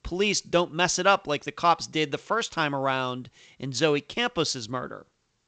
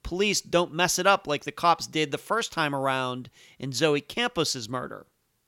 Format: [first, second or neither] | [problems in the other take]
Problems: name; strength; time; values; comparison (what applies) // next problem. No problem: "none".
second | garbled, watery; slightly; nothing above 7.5 kHz